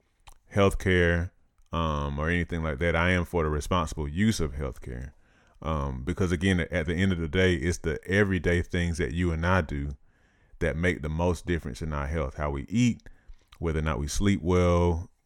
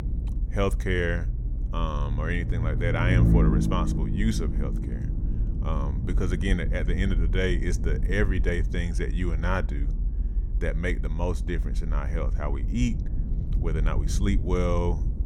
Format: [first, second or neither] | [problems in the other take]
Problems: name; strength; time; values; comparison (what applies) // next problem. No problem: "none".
first | low rumble; loud; throughout; 9 dB below the speech